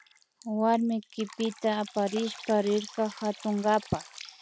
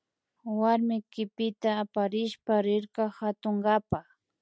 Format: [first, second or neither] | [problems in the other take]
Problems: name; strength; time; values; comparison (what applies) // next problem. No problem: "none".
second | background sound (Drip); 18 dB below the speech